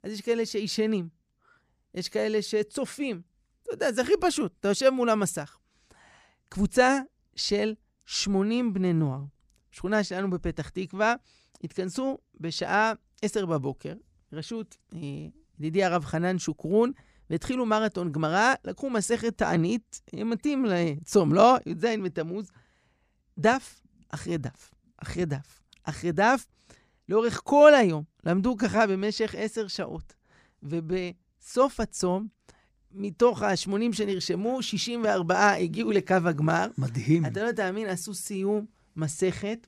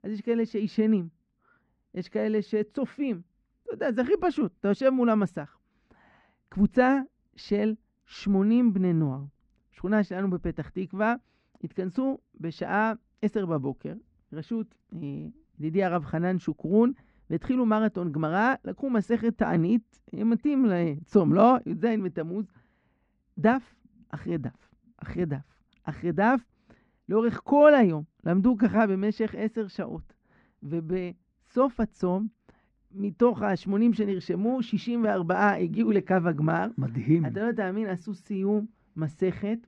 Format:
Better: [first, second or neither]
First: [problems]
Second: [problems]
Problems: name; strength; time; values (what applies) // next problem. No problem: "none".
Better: first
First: none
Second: muffled; very; fading above 2 kHz